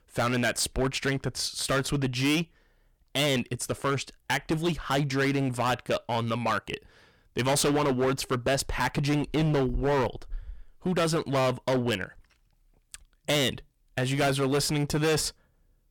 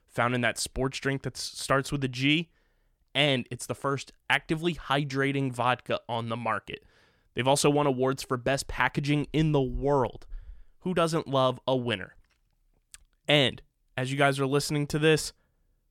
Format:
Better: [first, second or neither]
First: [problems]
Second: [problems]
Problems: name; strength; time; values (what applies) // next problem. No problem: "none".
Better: second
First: distortion; heavy; 13% of the sound clipped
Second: none